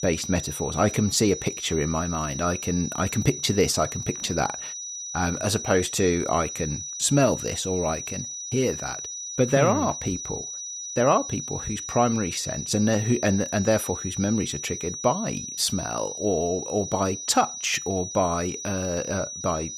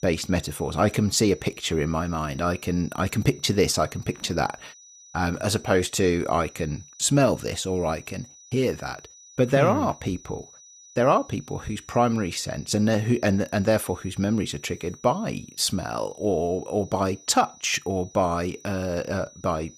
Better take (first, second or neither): second